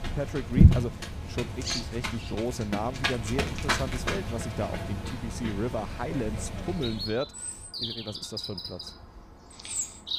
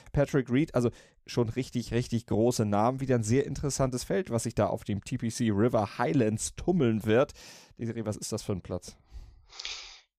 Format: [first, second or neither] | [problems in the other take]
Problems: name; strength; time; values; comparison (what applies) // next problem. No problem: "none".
second | animal sounds; very loud; throughout; 4 dB above the speech